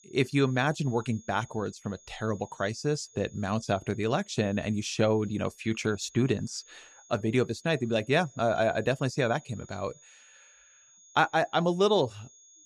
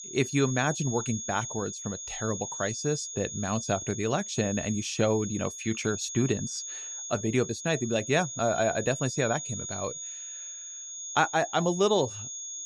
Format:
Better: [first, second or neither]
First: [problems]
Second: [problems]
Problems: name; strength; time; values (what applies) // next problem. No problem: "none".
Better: first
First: high-pitched whine; faint; throughout; 6.5 kHz, 25 dB below the speech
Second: high-pitched whine; loud; throughout; 6.5 kHz, 7 dB below the speech